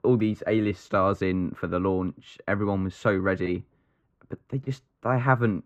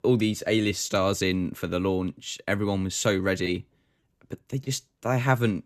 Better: second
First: muffled; very; fading above 3.5 kHz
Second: none

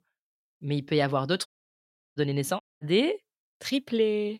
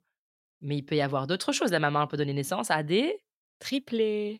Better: second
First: audio cutting out; at 1.5 s for 0.5 s and at 2.5 s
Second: none

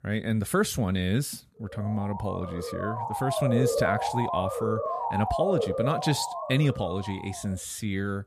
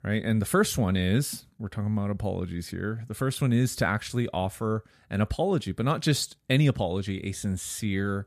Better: second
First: siren; loud; from 1.5 to 7.5 s; peak 3 dB above the speech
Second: none

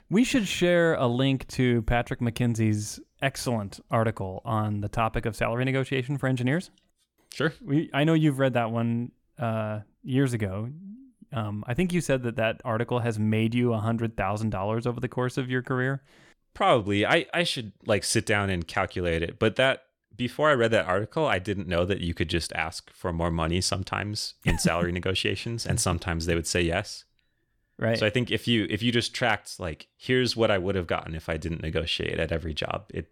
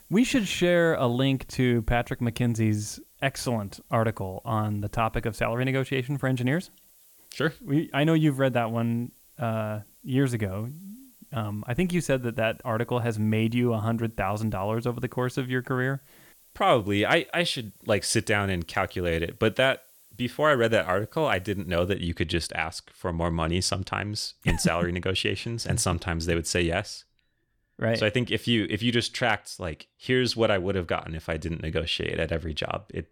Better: first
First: none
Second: hiss; faint; until 22 s; 25 dB below the speech

